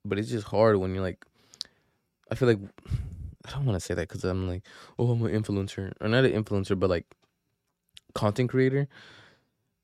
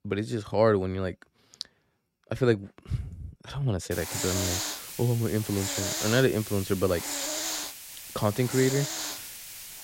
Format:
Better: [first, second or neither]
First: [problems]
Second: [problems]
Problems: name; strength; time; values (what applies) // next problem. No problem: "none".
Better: first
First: none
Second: hiss; loud; from 4 s on; 4 dB below the speech